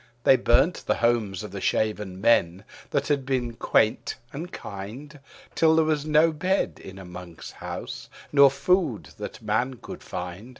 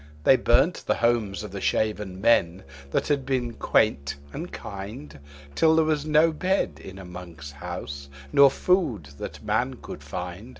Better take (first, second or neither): first